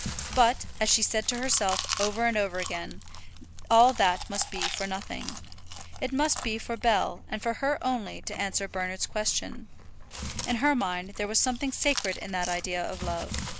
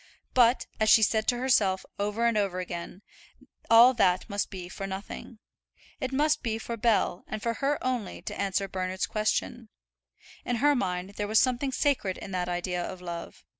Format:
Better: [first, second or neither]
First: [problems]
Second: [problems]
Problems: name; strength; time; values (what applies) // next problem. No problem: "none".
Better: second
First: background sound (Chewing, mastication); 9 dB below the speech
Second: none